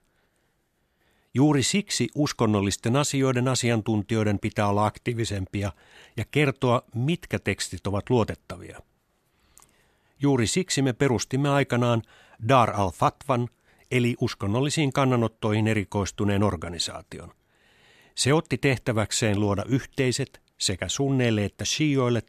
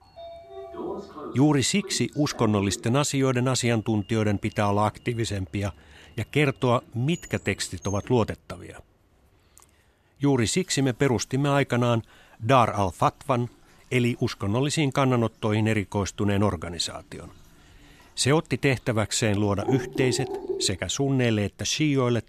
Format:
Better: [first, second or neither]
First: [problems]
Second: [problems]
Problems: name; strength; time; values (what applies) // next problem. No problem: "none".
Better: first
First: none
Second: household noises; noticeable; throughout; 15 dB below the speech